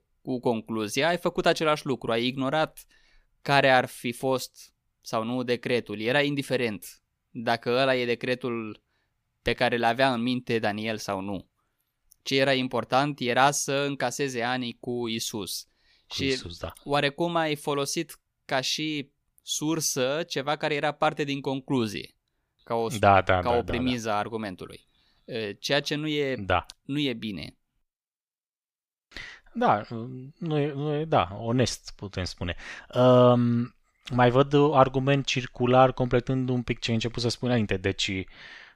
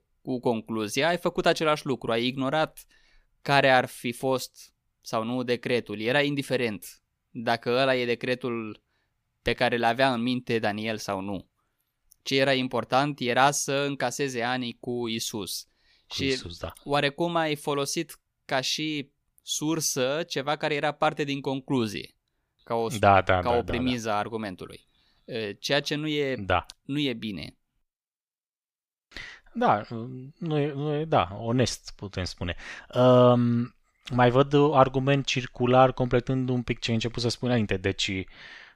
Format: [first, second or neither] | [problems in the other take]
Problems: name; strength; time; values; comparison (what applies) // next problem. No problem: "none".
neither | none